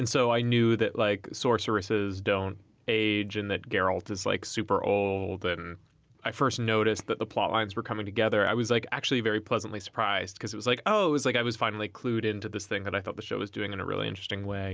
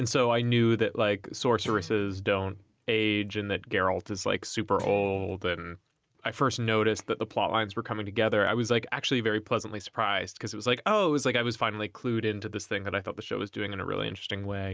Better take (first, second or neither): first